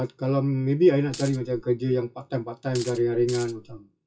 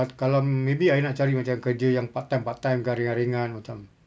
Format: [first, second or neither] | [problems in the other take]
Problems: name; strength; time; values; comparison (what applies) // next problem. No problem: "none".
second | noise reduction (classical method WPE with log-MMSE)